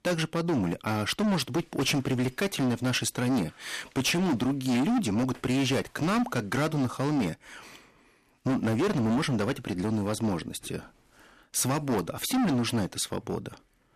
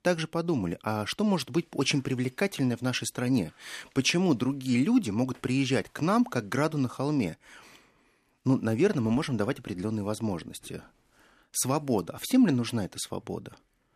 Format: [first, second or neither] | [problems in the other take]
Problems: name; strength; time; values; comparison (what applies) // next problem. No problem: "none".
second | distortion; heavy; 18% of the sound clipped